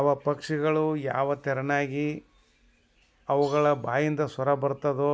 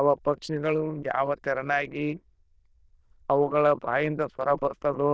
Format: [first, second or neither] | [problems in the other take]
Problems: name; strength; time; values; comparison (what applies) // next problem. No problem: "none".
first | noise reduction (neural diffusion model UNIVERSE++)